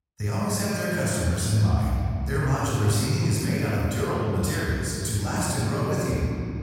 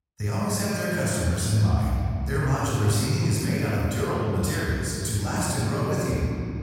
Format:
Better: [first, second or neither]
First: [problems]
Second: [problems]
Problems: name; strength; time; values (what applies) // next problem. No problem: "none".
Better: neither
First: room echo; strong; dies away in 2.7 s // off-mic speech; far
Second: room echo; strong; dies away in 2.7 s // off-mic speech; far